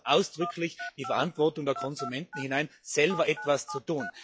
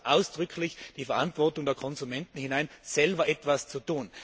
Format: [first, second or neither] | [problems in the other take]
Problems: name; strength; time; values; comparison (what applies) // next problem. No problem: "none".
second | noise reduction (classical method log-MMSE)